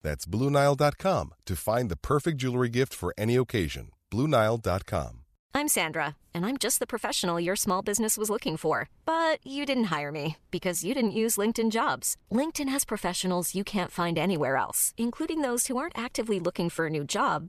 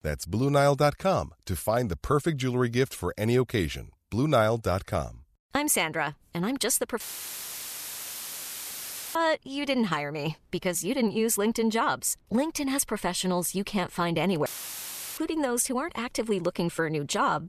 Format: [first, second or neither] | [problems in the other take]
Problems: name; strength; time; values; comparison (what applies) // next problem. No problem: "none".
first | audio cutting out; filled with static; at 7 s for 2 s and at 14 s for 0.5 s